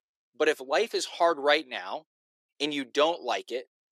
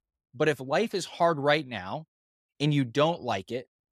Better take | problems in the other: second | thin; somewhat; fading below 350 Hz

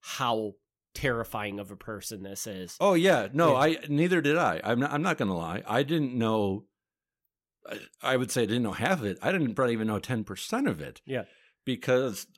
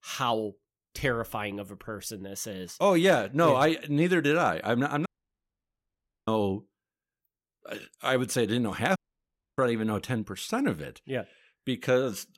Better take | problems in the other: first | audio cutting out; at 5 s for 1 s and at 9 s for 0.5 s

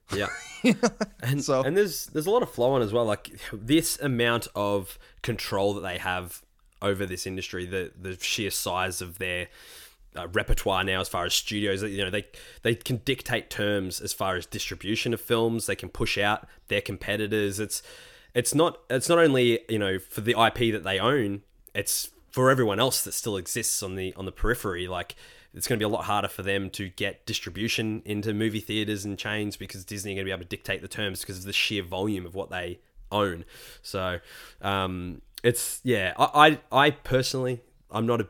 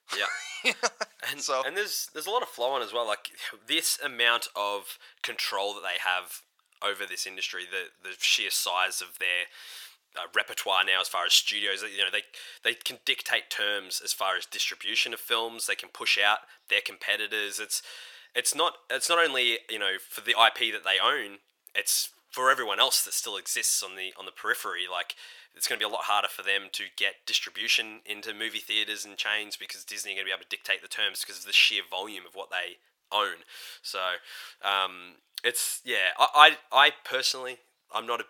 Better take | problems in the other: first | thin; very; fading below 850 Hz

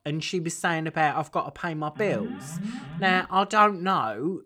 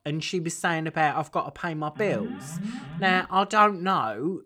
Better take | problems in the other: neither | alarm; noticeable; from 2 to 3.5 s; peak 9 dB below the speech; the same in both

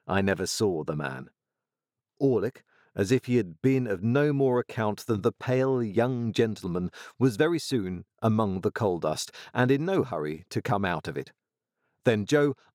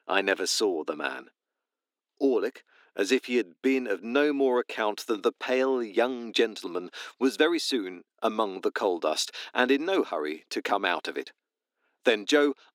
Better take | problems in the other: first | thin; very slightly; fading below 250 Hz

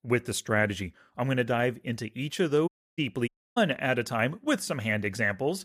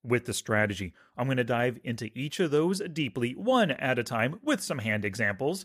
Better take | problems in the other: second | audio cutting out; at 2.5 s and at 3.5 s

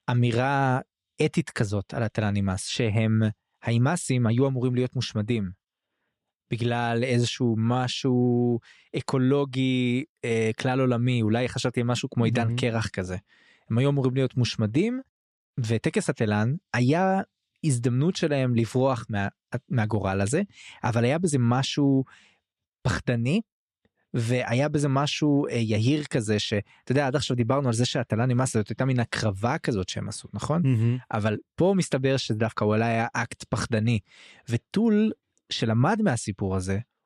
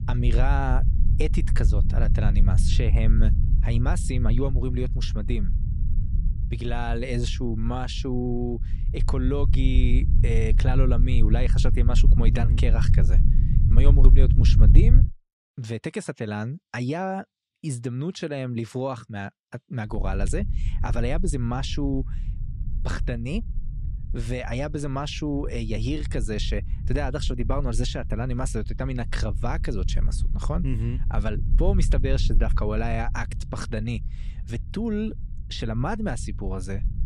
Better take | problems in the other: first | low rumble; loud; until 15 s and from 20 s on; 10 dB below the speech

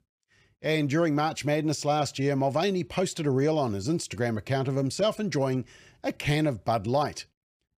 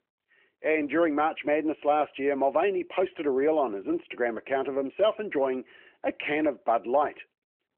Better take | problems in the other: first | phone-call audio; nothing above 3 kHz

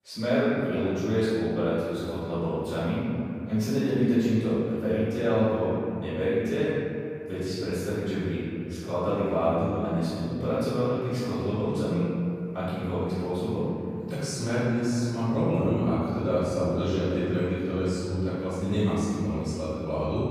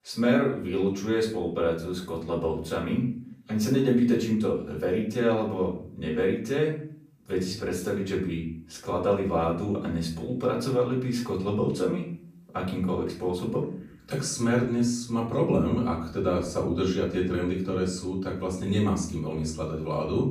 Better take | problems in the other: second | room echo; strong; dies away in 2.5 s; slight in the second // off-mic speech; far; far in the second

